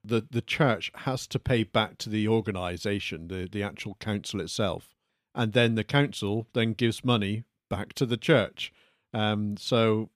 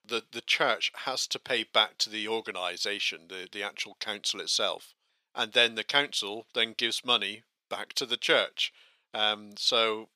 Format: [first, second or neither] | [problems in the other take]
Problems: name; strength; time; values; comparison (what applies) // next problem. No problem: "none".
first | thin; very; fading below 600 Hz